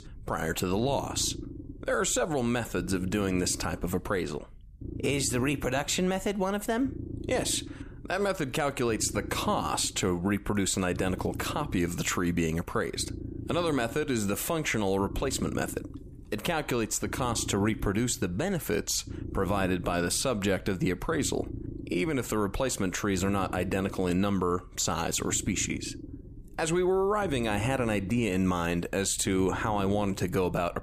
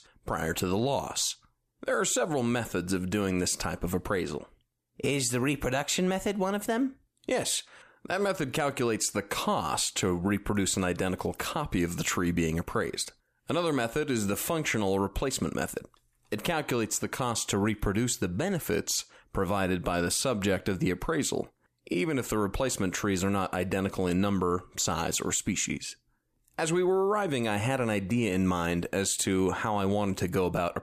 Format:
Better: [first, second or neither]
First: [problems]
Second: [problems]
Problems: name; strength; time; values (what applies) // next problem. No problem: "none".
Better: second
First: low rumble; noticeable; throughout; 15 dB below the speech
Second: none